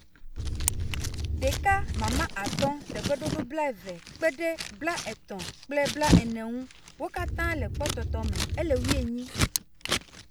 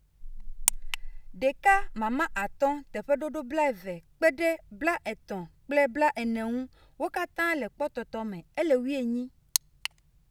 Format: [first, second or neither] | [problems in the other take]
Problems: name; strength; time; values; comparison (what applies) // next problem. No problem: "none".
second | background sound (Wind + Scissors); 1 dB above the speech